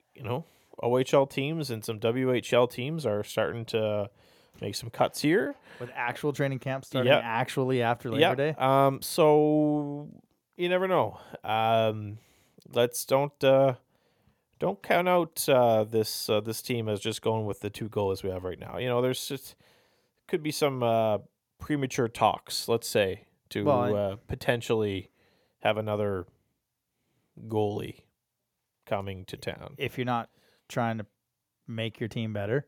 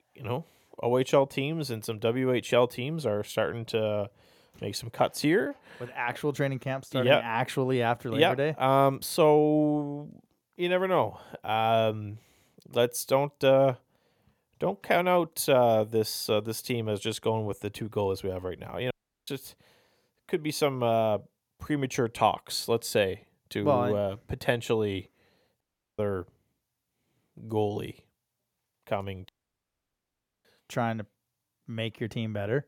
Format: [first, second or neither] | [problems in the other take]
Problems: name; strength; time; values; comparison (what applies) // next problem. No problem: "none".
first | audio cutting out; at 19 s, at 26 s and at 29 s for 1 s